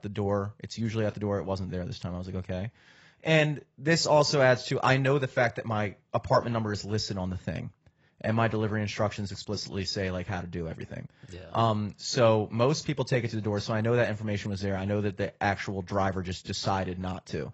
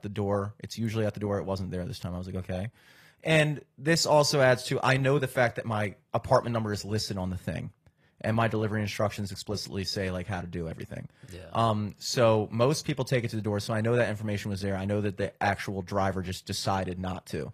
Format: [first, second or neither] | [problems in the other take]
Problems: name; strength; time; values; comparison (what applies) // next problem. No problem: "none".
second | garbled, watery; badly; nothing above 7.5 kHz; slightly in the second